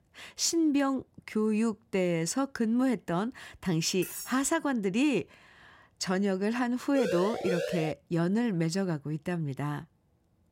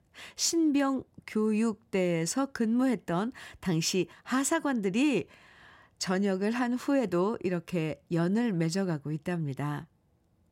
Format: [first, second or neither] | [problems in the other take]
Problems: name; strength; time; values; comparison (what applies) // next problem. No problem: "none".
second | clattering dishes; noticeable; at 4 s; peak 9 dB below the speech // siren; noticeable; at 7 s; peak 3 dB below the speech